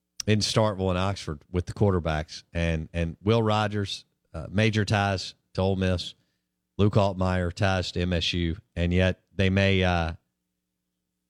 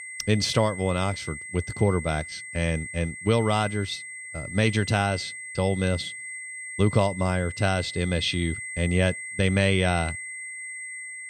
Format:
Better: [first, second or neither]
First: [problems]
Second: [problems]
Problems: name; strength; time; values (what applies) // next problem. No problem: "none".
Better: first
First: none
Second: high-pitched whine; loud; throughout; 2 kHz, 9 dB below the speech